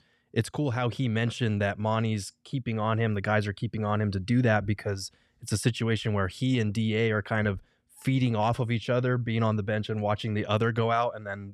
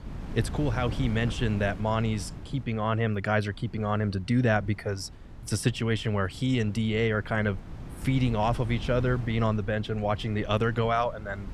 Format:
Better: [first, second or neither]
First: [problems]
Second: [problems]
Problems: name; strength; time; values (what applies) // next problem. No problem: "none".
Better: first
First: none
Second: wind noise on the microphone; occasional gusts; 20 dB below the speech